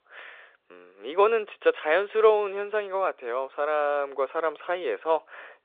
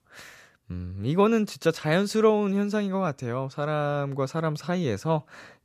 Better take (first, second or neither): second